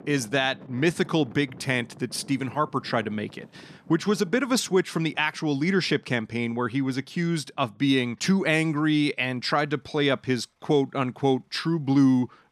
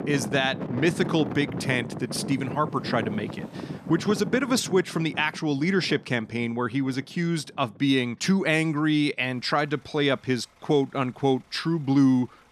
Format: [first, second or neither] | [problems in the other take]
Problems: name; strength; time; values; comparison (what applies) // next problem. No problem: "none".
first | traffic noise; loud; throughout; 10 dB below the speech; faint in the first